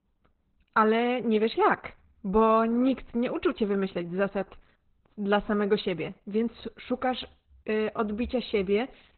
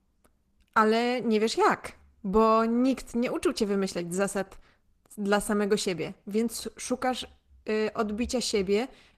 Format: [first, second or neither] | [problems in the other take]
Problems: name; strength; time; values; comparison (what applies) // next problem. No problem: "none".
second | garbled, watery; badly; nothing above 4 kHz; slightly in the second